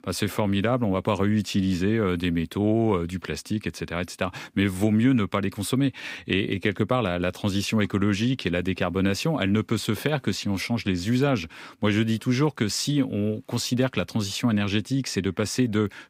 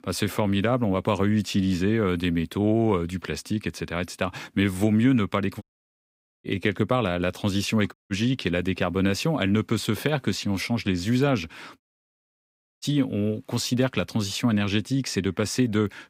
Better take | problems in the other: first | audio cutting out; at 5.5 s for 1 s, at 8 s and at 12 s for 1 s

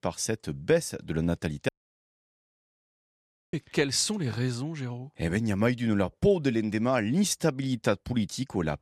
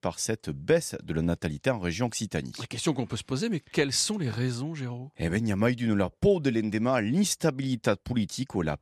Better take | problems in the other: second | audio cutting out; at 1.5 s for 2 s

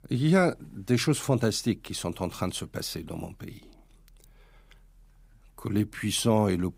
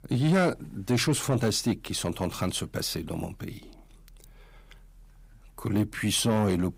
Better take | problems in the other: first | distortion; slight; 10 dB below the speech

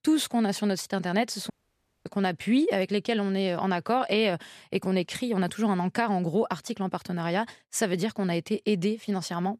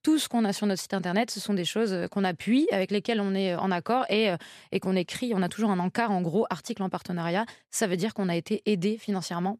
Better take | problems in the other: second | audio cutting out; at 1.5 s for 0.5 s

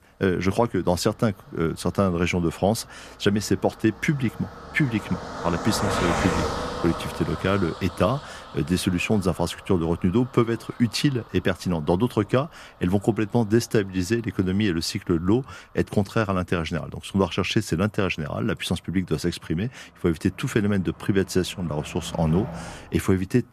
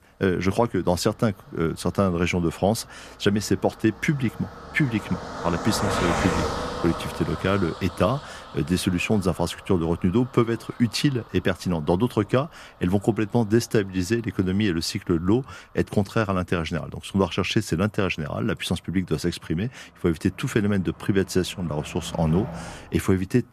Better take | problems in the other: neither | traffic noise; loud; throughout; 9 dB below the speech; the same in both

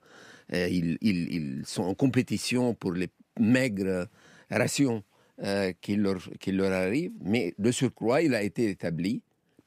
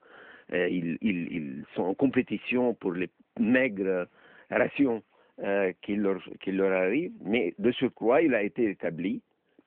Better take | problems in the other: first | phone-call audio

